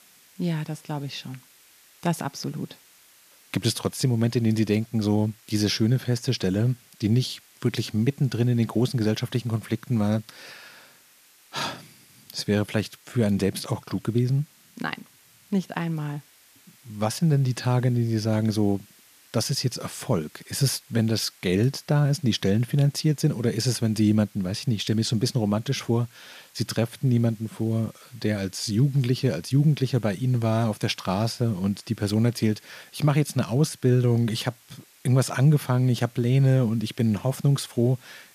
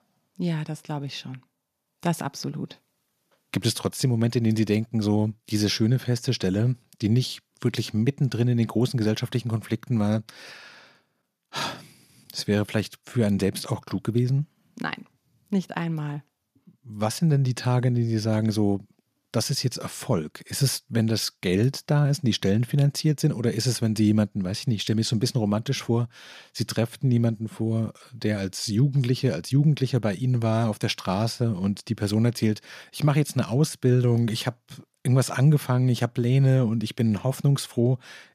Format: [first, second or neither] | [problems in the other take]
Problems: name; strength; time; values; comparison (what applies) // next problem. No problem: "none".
second | hiss; faint; throughout; 30 dB below the speech